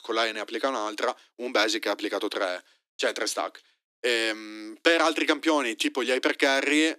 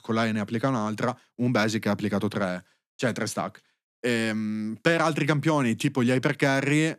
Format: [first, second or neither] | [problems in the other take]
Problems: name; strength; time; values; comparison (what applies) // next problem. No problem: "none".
second | thin; somewhat; fading below 300 Hz